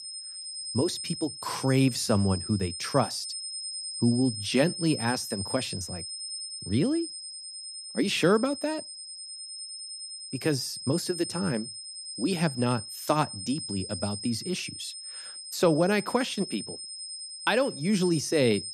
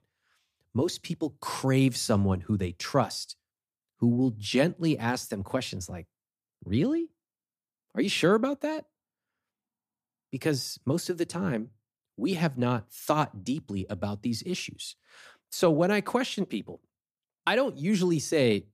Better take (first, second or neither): second